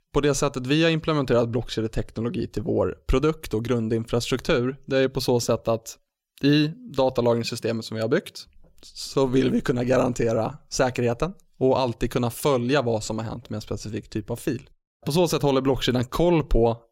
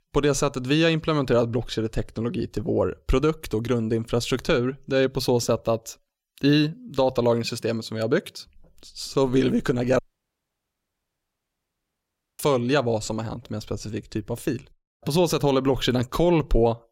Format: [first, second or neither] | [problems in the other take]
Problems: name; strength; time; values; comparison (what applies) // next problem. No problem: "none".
first | audio cutting out; at 10 s for 2.5 s